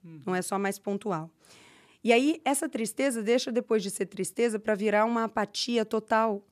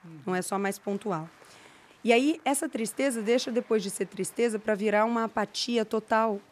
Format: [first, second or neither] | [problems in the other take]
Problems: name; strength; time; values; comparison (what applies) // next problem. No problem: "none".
first | crowd noise; faint; throughout; 25 dB below the speech